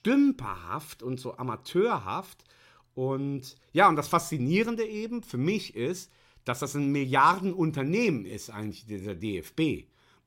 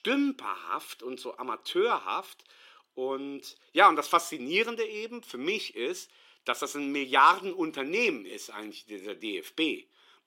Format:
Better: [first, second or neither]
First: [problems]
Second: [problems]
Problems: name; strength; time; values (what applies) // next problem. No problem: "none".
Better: first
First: none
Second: thin; somewhat; fading below 300 Hz